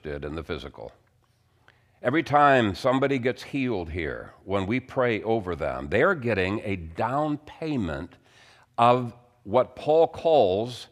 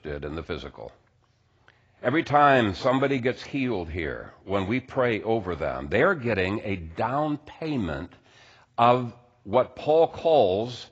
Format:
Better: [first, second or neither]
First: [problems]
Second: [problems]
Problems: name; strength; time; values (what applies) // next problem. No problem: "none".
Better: first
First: none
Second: garbled, watery; badly; nothing above 7.5 kHz